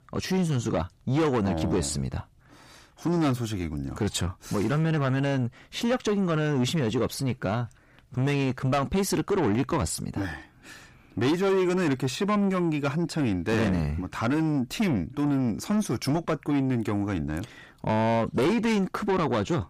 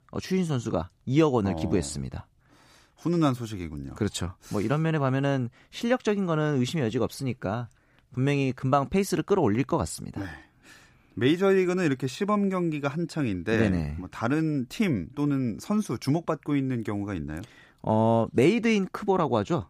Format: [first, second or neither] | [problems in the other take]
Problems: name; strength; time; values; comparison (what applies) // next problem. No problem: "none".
second | distortion; heavy; 8 dB below the speech